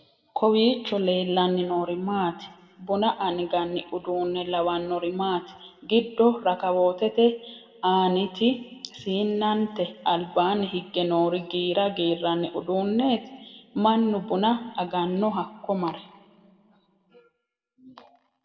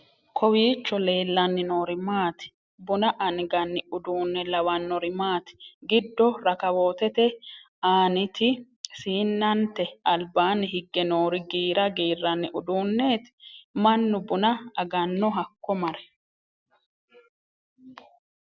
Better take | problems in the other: second | room echo; dies away in 1.1 s

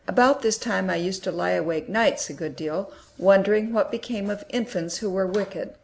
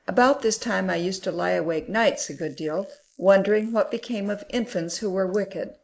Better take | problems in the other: first | noise reduction (neural mask model Resemble Enhance denoiser)

